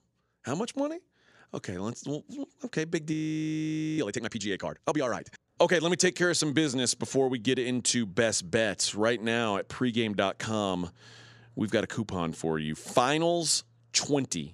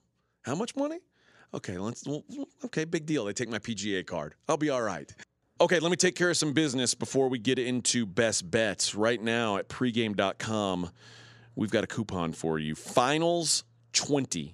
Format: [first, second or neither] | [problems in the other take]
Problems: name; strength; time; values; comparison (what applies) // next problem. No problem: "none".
second | audio freezing; at 3 s for 1 s